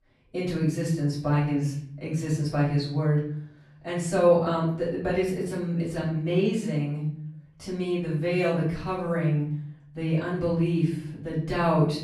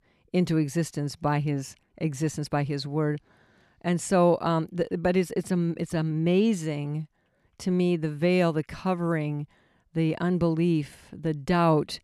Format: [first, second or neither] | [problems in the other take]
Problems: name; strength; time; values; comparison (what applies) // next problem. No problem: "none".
second | off-mic speech; far // room echo; noticeable; dies away in 0.6 s